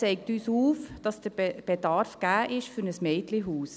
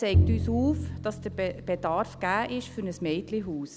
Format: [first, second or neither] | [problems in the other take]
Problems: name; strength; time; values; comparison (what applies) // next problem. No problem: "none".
first | background sound (Bowed string instrument); as loud as the speech